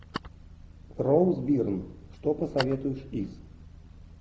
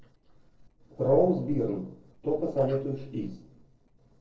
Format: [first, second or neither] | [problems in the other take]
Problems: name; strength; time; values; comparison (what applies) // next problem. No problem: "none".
first | noise reduction (neural separator model SepFormer DNS4)